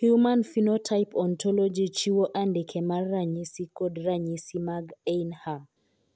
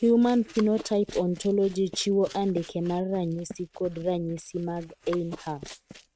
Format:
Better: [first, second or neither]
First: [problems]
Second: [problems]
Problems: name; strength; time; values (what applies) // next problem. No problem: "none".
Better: first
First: none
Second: noise reduction (neural mask model RNNoise)